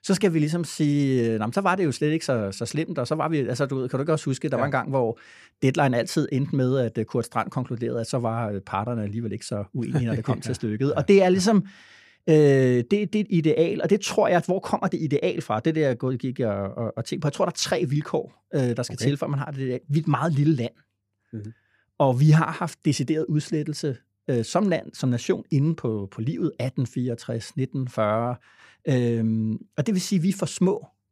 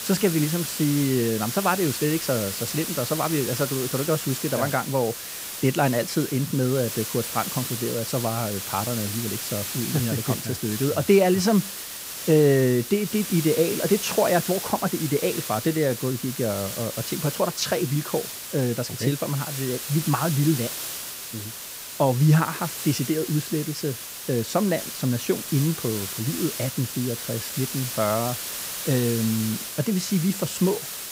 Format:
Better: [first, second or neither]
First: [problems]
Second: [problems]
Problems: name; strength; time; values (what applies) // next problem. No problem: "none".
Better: first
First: none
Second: hiss; loud; throughout; 6 dB below the speech